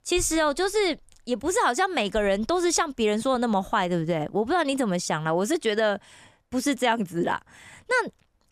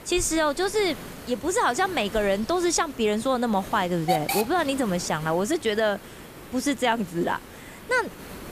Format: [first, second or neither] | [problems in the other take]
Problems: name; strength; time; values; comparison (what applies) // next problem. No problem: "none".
first | hiss; noticeable; throughout; 10 dB below the speech